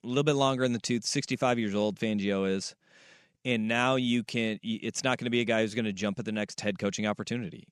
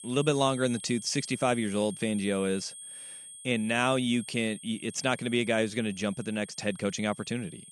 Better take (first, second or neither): first